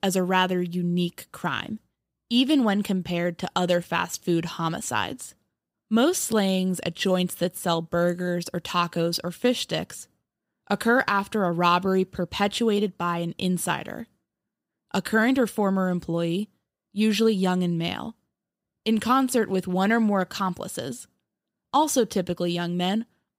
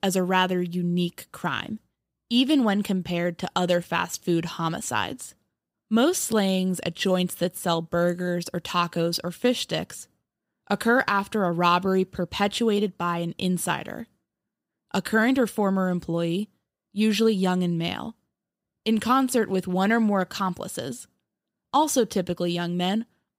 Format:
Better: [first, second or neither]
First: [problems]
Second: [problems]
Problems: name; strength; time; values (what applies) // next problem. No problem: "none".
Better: neither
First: none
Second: none